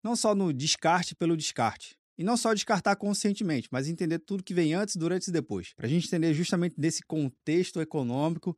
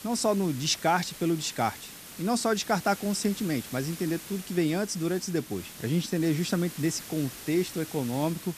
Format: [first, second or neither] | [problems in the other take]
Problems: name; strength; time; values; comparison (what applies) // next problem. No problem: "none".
first | hiss; noticeable; throughout; 15 dB below the speech